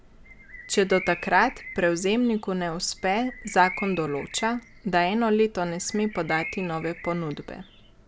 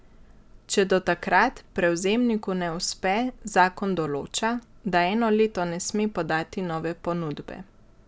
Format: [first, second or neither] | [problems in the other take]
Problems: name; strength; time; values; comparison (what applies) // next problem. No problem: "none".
second | background sound (Bird); 15 dB below the speech